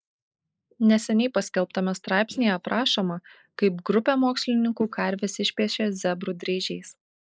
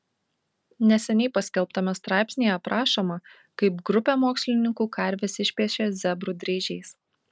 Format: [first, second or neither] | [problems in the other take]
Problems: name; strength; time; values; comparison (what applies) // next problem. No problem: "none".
second | noise reduction (neural mask model Resemble Enhance denoiser)